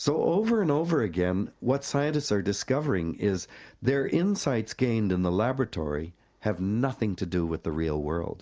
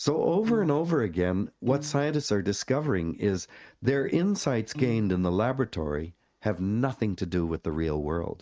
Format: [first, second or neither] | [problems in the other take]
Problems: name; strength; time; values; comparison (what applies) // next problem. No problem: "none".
first | noise reduction (neural mask model RNNoise)